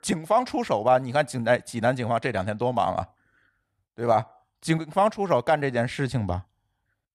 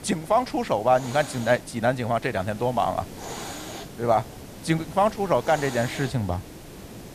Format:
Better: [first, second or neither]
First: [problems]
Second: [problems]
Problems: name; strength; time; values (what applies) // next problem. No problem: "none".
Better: first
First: none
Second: hiss; noticeable; throughout; 15 dB below the speech